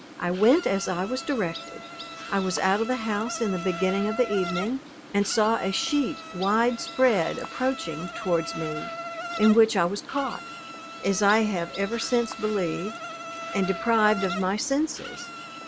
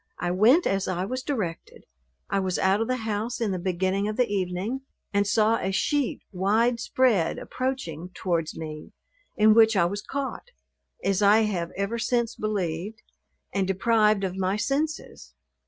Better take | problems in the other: second | background sound (Insect); 11 dB below the speech

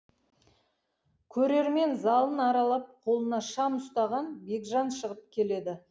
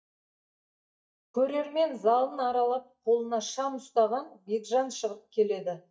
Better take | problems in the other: first | noise reduction (neural mask model DeepFilterNet 3)

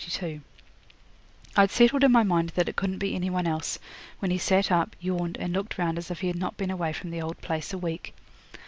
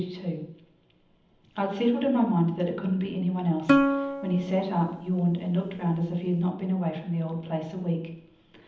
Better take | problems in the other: first | background sound (Plucked string instrument); 1 dB below the speech // room echo; dies away in 0.8 s

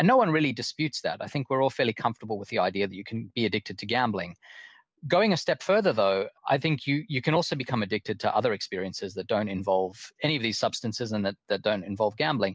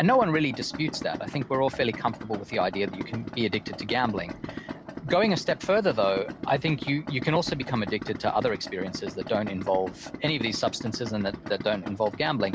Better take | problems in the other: first | background sound (Idling); 10 dB below the speech

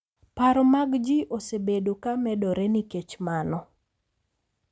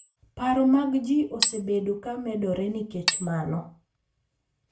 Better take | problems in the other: first | background sound (Hammer); 7 dB below the speech // room echo; dies away in 0.3 s

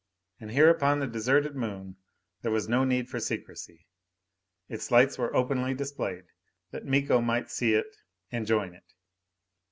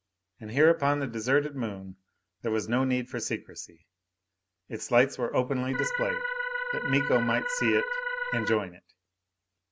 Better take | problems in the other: first | background sound (Organ); 2 dB below the speech

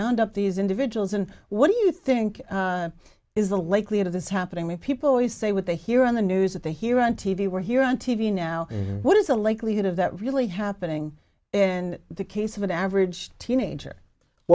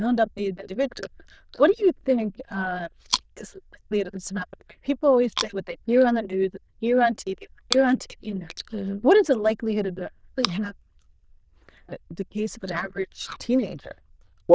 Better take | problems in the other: first | noise reduction (neural diffusion model UNIVERSE++)

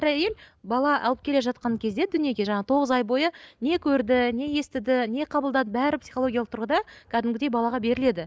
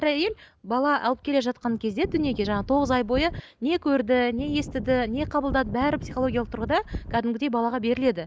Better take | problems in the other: first | background sound (Wind); 10 dB below the speech

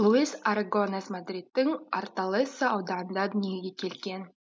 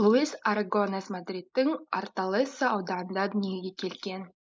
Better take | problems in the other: first | noise reduction (neural mask model Resemble Enhance denoiser)

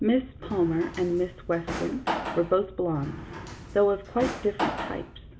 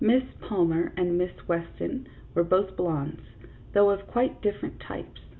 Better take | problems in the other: second | background sound (Drawer open or close); 8 dB below the speech

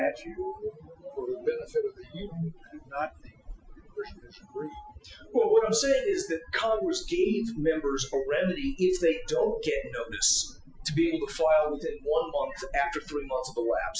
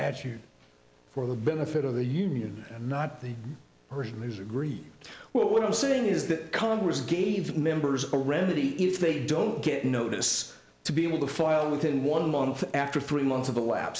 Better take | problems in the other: second | noise reduction (classical method Wiener filter)

